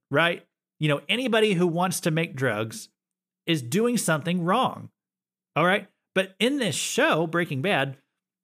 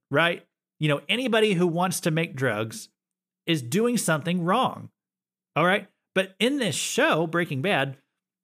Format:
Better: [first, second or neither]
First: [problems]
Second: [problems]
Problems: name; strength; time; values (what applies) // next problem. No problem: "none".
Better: neither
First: none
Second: none